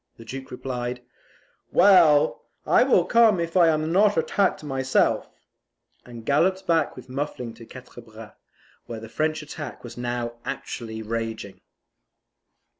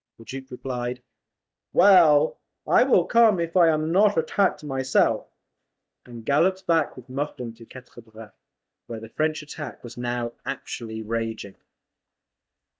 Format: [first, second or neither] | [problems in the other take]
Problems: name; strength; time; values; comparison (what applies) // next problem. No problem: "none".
first | noise reduction (neural mask model DeepFilterNet 3)